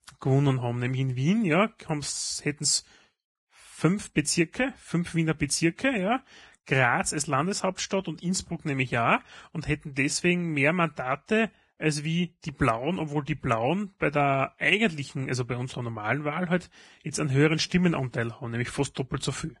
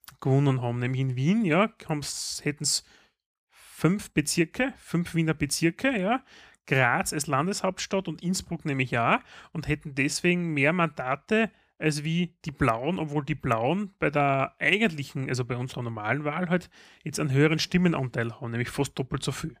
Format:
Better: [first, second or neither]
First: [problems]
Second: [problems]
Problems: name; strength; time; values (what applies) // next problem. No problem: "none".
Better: second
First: garbled, watery; badly; nothing above 10.5 kHz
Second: none